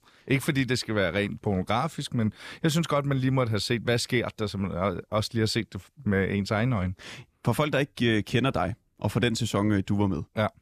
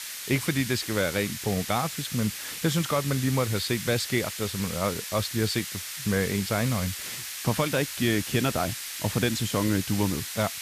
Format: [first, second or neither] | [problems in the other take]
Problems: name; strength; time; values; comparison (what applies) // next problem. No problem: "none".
first | hiss; loud; throughout; 6 dB below the speech